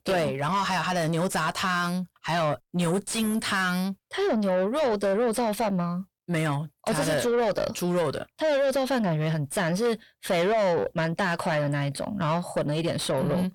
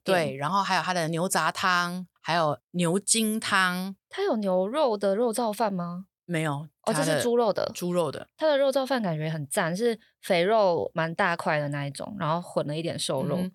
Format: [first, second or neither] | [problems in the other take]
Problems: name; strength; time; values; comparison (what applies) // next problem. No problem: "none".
second | distortion; heavy; 7 dB below the speech